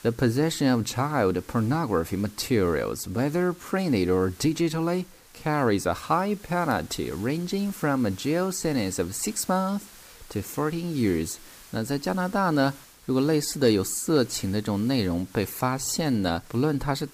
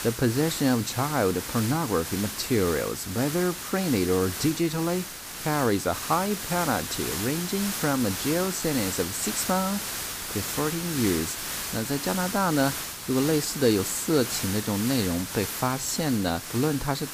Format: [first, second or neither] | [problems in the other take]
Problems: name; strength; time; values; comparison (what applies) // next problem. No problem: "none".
first | hiss; loud; throughout; 5 dB below the speech; faint in the first